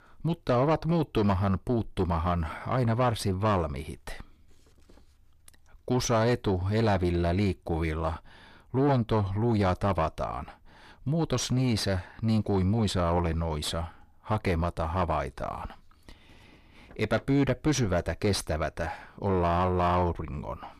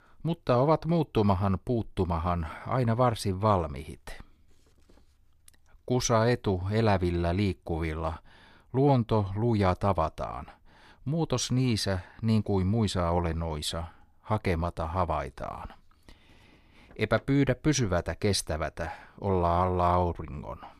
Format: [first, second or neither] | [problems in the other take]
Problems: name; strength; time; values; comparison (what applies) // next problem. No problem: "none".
second | distortion; slight; 10 dB below the speech